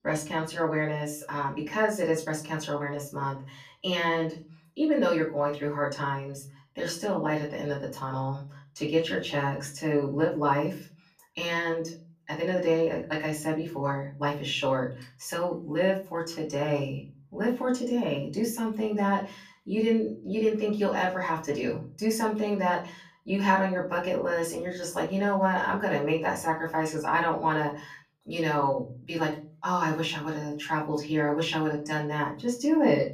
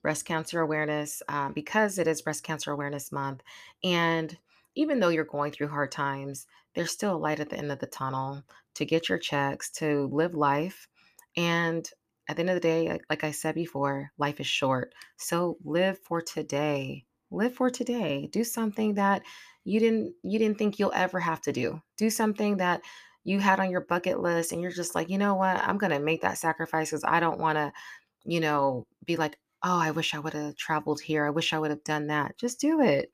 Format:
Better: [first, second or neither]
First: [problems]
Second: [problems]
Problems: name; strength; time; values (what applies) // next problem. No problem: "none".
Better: second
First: off-mic speech; far // room echo; slight; dies away in 0.4 s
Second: none